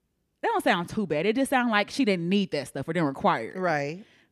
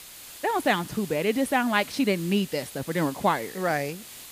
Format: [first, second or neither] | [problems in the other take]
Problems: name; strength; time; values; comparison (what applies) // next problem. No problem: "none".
first | hiss; noticeable; throughout; 15 dB below the speech